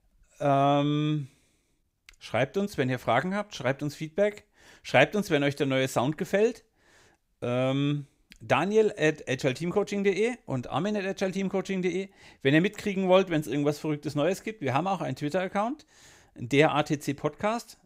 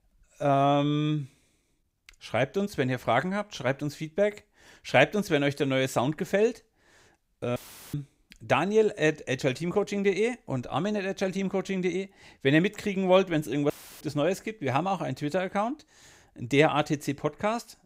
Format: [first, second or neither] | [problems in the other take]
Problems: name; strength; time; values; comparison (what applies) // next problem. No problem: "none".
first | audio cutting out; filled with static; at 7.5 s and at 14 s